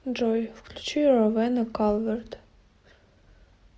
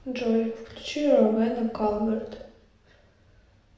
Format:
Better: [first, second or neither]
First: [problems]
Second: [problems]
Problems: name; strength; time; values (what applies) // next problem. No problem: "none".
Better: first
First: none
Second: room echo; dies away in 0.8 s